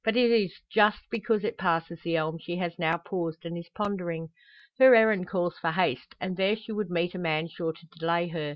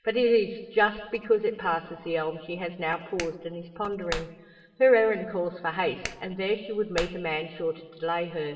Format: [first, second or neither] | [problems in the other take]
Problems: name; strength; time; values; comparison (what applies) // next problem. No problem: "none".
first | background sound (Clapping); 13 dB below the speech // room echo; dies away in 1.9 s